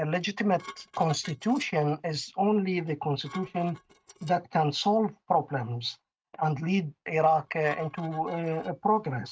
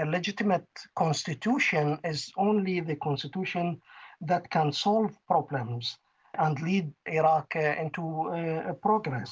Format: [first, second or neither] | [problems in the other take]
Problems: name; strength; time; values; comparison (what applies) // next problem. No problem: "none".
second | noise reduction (neural mask model RNNoise)